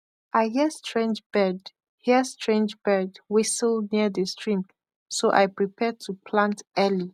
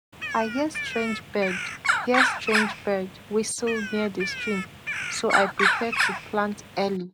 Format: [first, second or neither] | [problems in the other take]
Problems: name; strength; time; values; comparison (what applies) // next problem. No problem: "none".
first | background sound (Bird); as loud as the speech